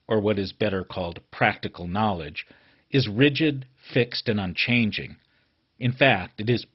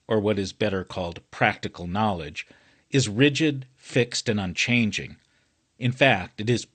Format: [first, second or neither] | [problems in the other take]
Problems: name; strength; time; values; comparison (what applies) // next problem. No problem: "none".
second | garbled, watery; badly; nothing above 5.5 kHz; slightly in the second